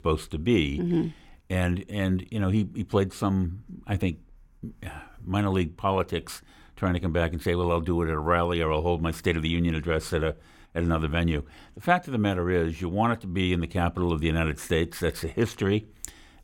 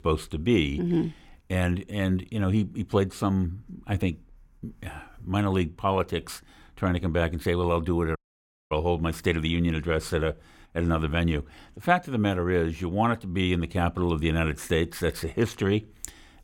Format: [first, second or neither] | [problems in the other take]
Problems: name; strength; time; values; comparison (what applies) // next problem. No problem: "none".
first | audio cutting out; at 8 s for 0.5 s